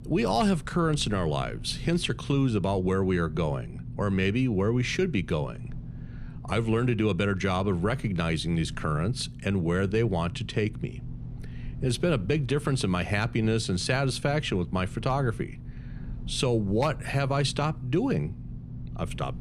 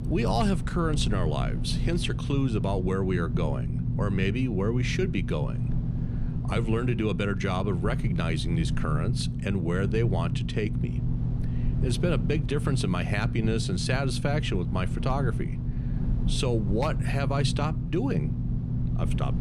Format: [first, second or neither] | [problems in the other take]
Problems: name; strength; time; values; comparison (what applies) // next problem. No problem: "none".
first | low rumble; loud; throughout; 9 dB below the speech; faint in the first